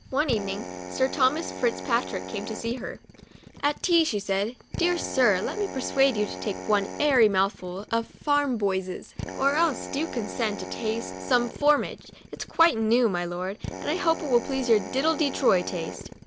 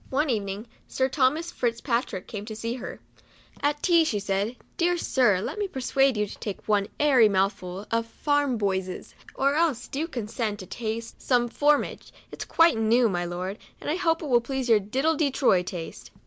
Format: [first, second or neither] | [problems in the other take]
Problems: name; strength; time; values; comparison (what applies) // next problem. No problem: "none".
second | background sound (Drill); 11 dB below the speech